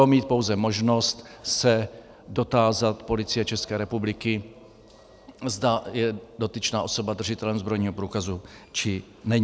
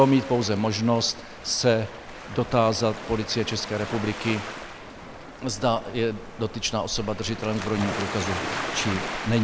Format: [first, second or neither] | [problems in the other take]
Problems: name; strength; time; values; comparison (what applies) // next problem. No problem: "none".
first | background sound (Waves, surf); 9 dB below the speech